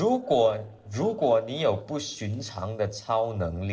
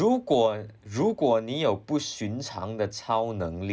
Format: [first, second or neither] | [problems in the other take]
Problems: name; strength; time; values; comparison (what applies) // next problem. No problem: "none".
second | noise reduction (neural separator model SepFormer DNS4)